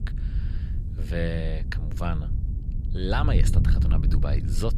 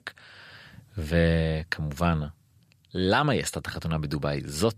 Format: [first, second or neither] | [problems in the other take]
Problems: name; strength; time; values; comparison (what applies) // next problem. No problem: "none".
second | wind noise on the microphone; heavy; 8 dB below the speech